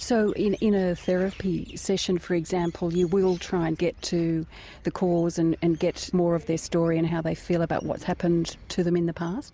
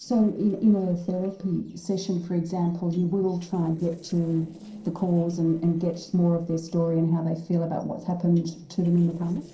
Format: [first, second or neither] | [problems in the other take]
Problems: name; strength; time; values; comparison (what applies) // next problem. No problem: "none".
first | noise reduction (neural separator model SepFormer DNS4)